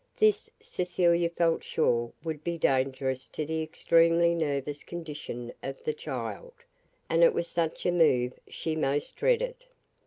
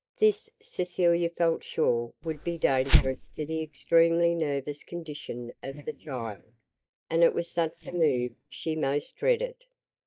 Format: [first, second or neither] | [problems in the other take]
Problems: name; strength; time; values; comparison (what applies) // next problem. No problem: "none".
first | noise reduction (neural mask model DeepFilterNet 3)